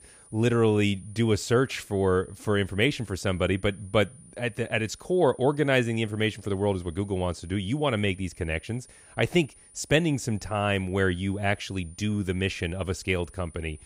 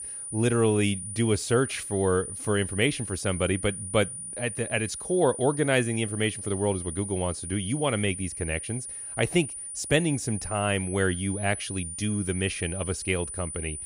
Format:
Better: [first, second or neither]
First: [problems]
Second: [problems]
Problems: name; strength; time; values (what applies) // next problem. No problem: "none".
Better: first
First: high-pitched whine; faint; throughout; 9.5 kHz, 25 dB below the speech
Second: high-pitched whine; loud; throughout; 9.5 kHz, 7 dB below the speech